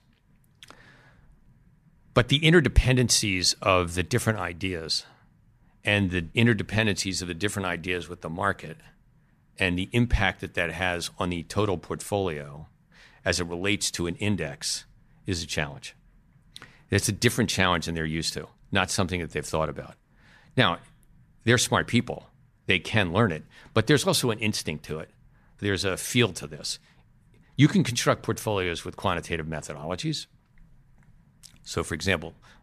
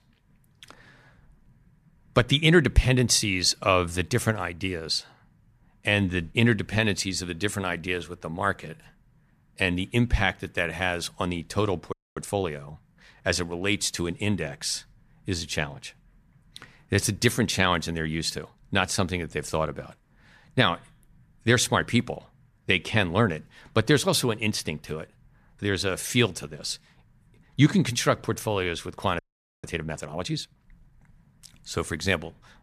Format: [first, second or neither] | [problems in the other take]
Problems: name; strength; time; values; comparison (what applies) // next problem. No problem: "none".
first | audio freezing; at 12 s and at 29 s